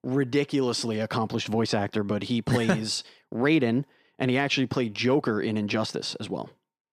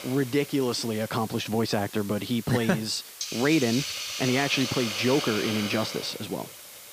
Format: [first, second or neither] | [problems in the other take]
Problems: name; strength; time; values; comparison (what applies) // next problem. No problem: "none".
first | hiss; loud; throughout; 7 dB below the speech